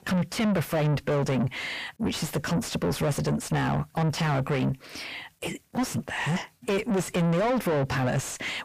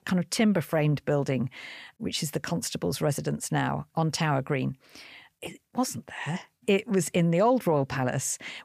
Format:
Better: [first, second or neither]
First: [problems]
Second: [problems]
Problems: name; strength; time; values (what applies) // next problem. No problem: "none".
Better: second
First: distortion; heavy; 6 dB below the speech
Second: none